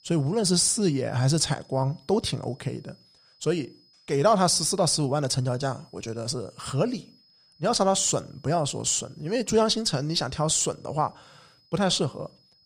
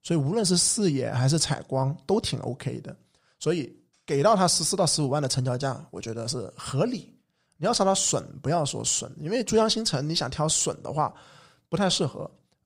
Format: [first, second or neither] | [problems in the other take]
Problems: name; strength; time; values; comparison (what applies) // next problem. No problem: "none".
second | high-pitched whine; faint; throughout; 5 kHz, 30 dB below the speech